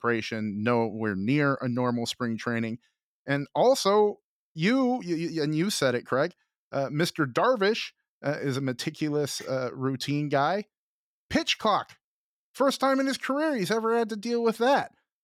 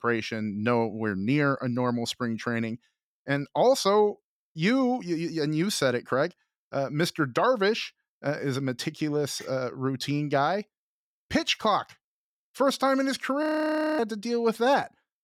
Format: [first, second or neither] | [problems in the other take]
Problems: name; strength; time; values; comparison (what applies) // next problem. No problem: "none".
first | audio freezing; at 13 s for 0.5 s